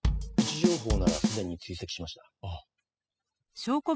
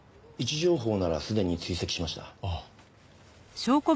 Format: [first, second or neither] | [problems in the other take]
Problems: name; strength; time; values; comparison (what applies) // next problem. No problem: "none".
second | noise reduction (classical method spectral subtraction)